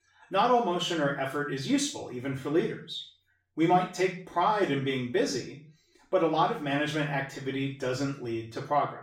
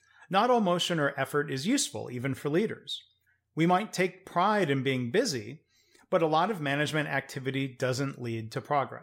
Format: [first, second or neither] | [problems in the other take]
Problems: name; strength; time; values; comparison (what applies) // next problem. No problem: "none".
second | room echo; noticeable; dies away in 0.3 s // off-mic speech; far